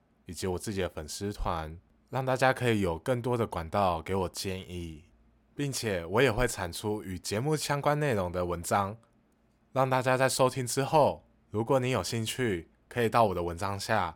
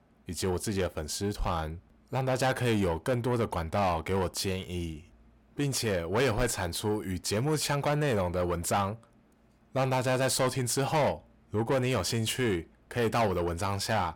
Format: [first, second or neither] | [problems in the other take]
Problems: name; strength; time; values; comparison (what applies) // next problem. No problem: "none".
first | distortion; heavy; 8 dB below the speech